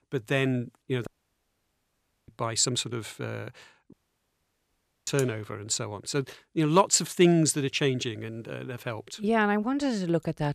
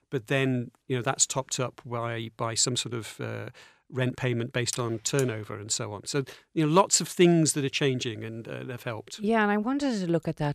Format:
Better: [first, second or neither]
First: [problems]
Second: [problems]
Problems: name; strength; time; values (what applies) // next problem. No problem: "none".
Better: second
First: audio cutting out; at 1 s for 1 s and at 4 s for 1 s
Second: none